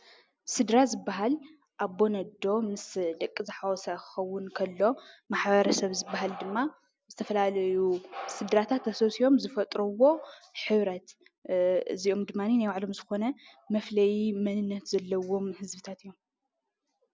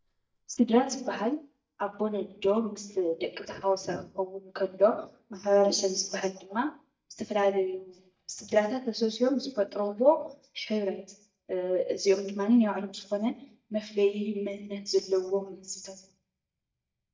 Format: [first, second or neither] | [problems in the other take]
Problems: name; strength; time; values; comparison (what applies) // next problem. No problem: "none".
first | noise reduction (neural mask model DeepFilterNet 3)